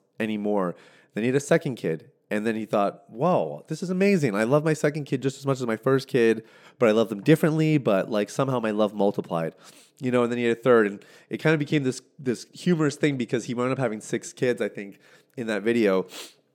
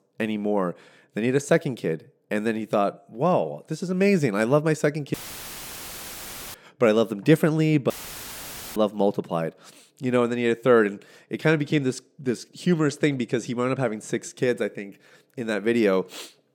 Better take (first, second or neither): first